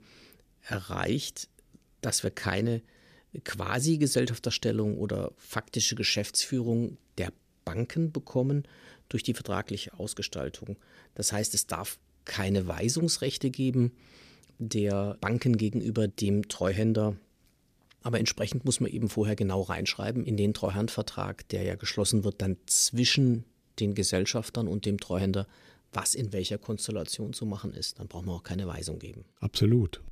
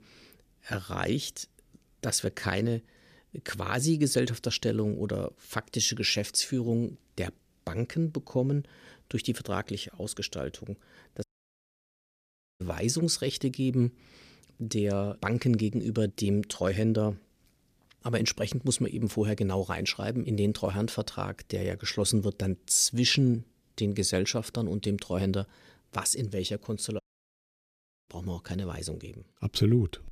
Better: first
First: none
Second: audio cutting out; at 11 s for 1.5 s and at 27 s for 1 s

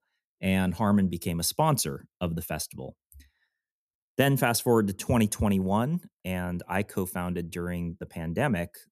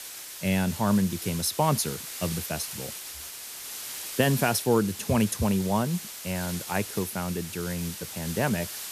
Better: first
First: none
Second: hiss; loud; throughout; 8 dB below the speech

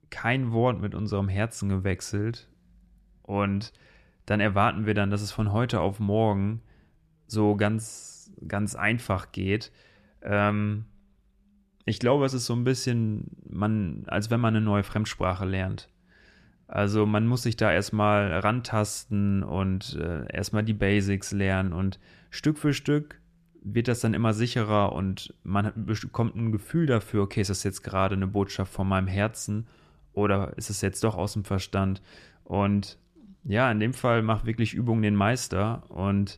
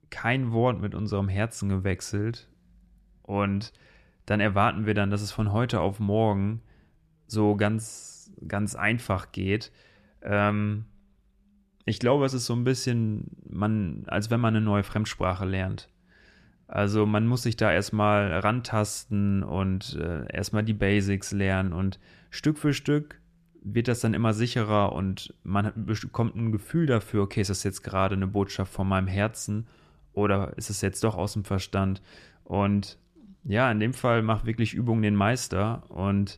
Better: neither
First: none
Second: none

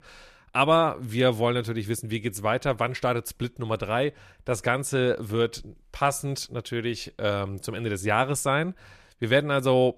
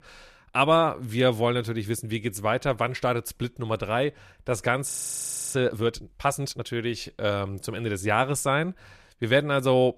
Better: first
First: none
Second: audio freezing; at 5 s for 0.5 s

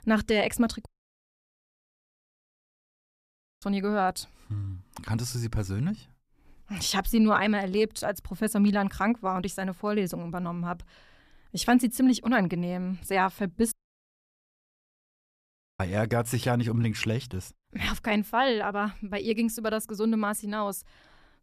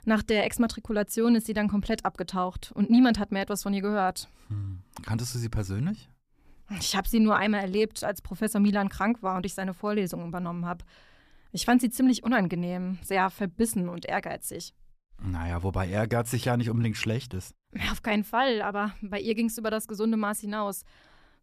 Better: second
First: audio cutting out; at 1 s for 3 s and at 14 s for 2 s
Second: none

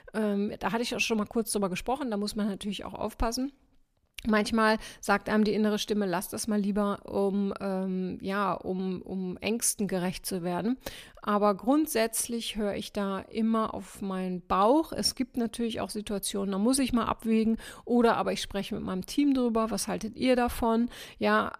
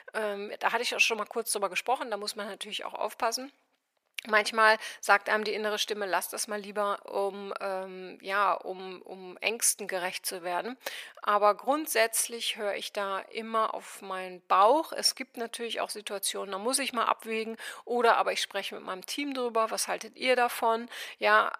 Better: first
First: none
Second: thin; very; fading below 650 Hz

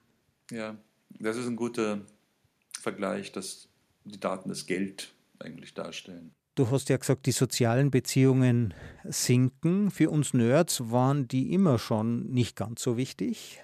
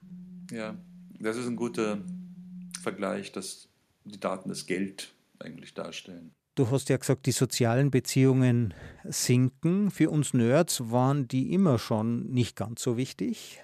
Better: first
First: none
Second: phone ringing; faint; until 3 s; peak 15 dB below the speech

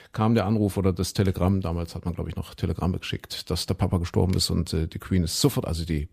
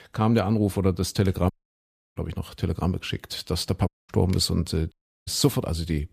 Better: first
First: none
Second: audio cutting out; at 1.5 s for 0.5 s, at 4 s and at 5 s

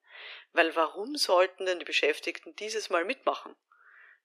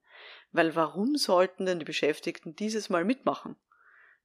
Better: second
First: thin; somewhat; fading below 350 Hz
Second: none

